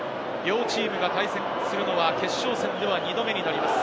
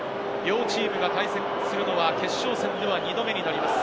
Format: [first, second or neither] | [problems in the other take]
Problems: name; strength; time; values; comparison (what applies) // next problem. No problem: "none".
first | background sound (Bowed string instrument); 10 dB below the speech